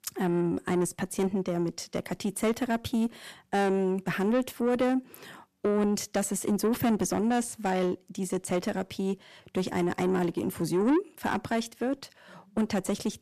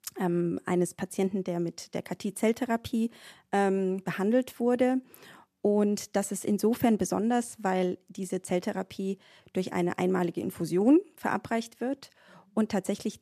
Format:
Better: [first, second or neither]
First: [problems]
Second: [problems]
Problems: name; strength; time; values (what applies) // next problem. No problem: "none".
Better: second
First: distortion; slight; 10 dB below the speech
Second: none